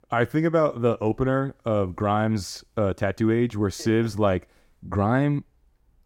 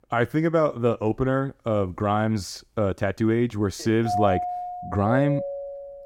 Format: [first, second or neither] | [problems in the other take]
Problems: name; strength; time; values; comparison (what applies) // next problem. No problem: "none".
first | doorbell; noticeable; from 4 s on; peak 1 dB below the speech